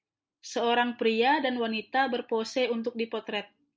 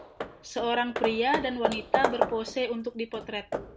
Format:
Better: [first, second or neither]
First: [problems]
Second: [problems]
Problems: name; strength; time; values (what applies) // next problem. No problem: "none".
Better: first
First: none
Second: background sound (Hammer / Wood); 2 dB below the speech